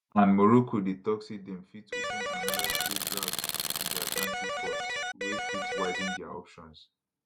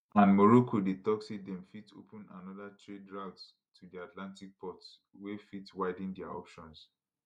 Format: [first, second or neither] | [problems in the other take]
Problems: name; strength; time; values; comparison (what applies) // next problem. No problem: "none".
second | background sound (Tools + Electric guitar); 1 dB below the speech